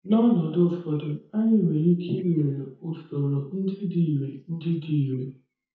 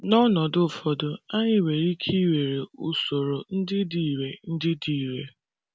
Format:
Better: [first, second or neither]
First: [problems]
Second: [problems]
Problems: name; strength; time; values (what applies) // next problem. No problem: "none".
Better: second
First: noise reduction (neural mask model DeepFilterNet 3)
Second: none